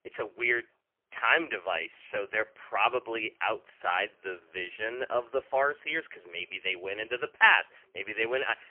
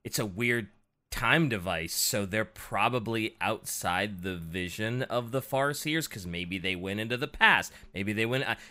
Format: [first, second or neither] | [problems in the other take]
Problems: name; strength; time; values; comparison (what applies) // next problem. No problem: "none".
second | phone-call audio; poor line; nothing above 3 kHz